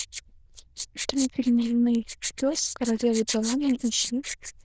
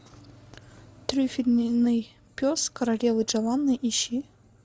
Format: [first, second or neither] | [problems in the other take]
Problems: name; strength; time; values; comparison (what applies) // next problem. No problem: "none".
second | noise reduction (neural diffusion model UNIVERSE++)